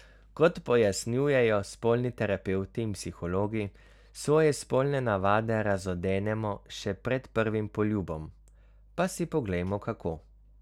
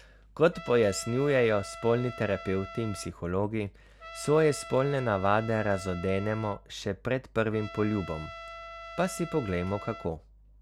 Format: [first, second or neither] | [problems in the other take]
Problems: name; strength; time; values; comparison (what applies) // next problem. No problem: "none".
first | background sound (Trumpet); 15 dB below the speech